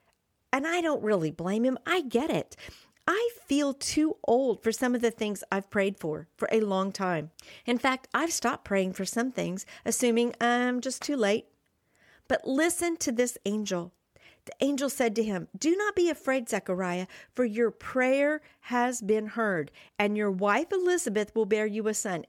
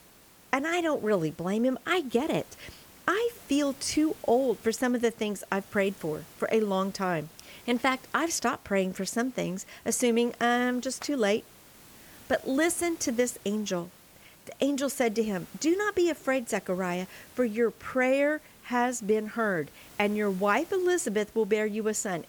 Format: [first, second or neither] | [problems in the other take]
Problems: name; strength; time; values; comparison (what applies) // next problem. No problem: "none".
first | hiss; faint; throughout; 25 dB below the speech